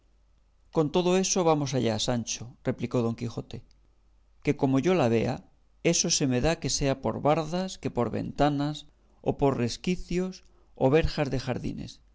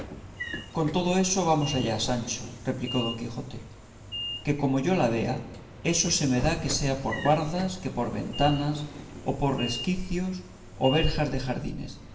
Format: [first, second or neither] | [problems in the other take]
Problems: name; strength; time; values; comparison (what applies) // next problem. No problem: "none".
first | background sound (Sliding door / Train); 12 dB below the speech // room echo; dies away in 1.1 s